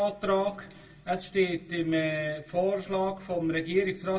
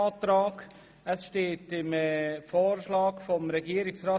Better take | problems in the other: second | room echo; dies away in 0.1 s

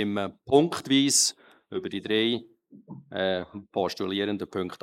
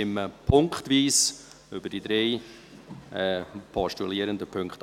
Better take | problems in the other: second | noise reduction (neural mask model Resemble Enhance denoiser)

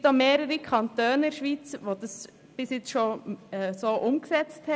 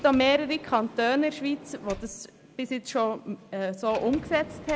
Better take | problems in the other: first | background sound (Sliding door); 18 dB below the speech

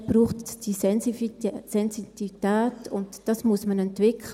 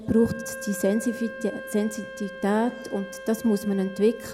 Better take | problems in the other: first | background sound (Wind instrument, woodwind instrument); 13 dB below the speech

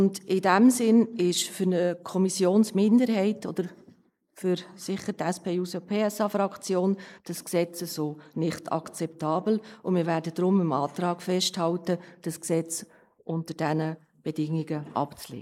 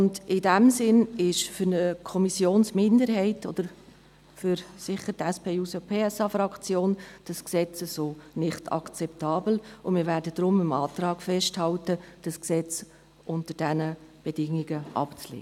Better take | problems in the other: second | noise reduction (neural mask model Resemble Enhance denoiser)

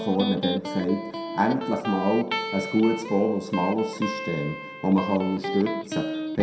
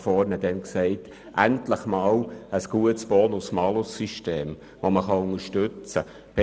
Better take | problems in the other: second | background sound (Electric guitar); 7 dB below the speech // room echo; dies away in 0.5 s

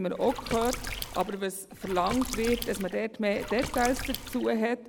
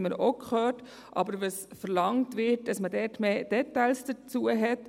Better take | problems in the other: second | background sound (Water / Splash, splatter); 8 dB below the speech

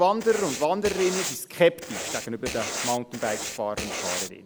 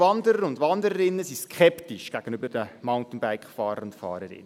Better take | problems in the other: second | background sound (Writing); 7 dB below the speech

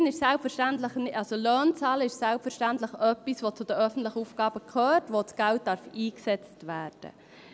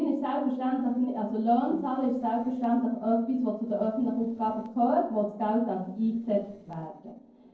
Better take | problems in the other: first | noise reduction (neural separator model SepFormer DNS4)

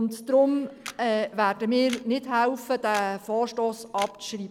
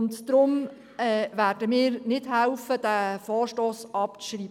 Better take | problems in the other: second | background sound (Camera); 19 dB below the speech

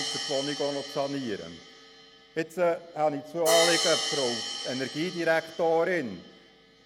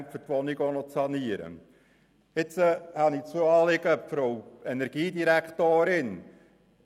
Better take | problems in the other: second | background sound (Hi-hat); 5 dB below the speech

